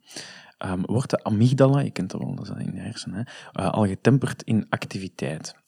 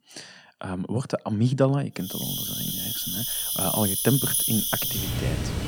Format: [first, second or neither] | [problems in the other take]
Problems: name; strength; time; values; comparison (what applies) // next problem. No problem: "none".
first | animal sounds; very loud; from 2 s on; 3 dB above the speech